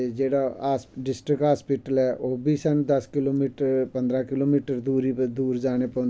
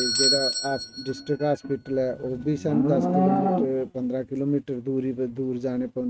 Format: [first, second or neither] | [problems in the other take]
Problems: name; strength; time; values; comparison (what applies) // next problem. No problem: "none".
first | noise reduction (neural mask model RNNoise)